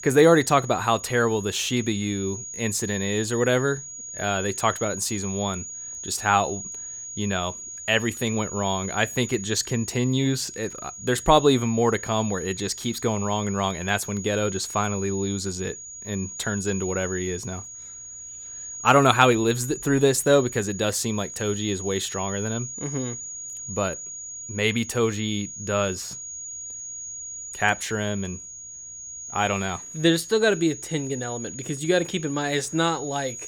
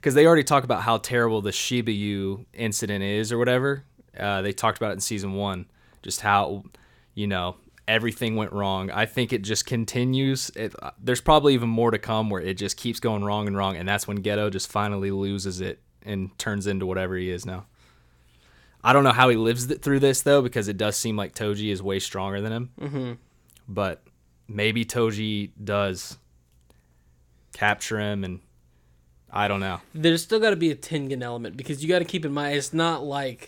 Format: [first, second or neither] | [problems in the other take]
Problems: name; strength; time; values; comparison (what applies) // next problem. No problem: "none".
second | high-pitched whine; loud; throughout; 6.5 kHz, 10 dB below the speech